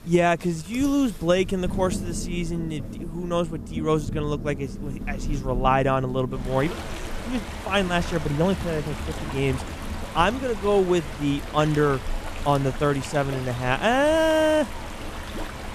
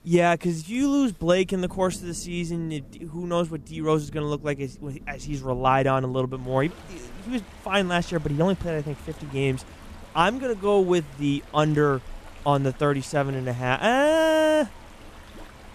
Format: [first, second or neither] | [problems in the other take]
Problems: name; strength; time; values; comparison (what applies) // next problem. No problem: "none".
second | rain or running water; loud; throughout; 10 dB below the speech; faint in the second